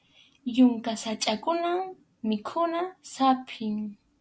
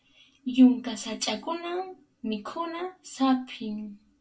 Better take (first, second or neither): first